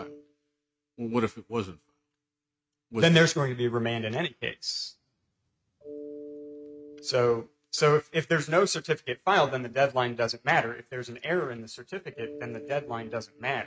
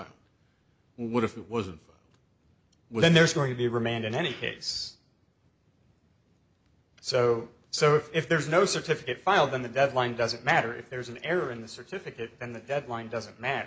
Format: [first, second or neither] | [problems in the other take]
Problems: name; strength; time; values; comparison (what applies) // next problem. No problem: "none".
second | noise reduction (neural mask model RNNoise)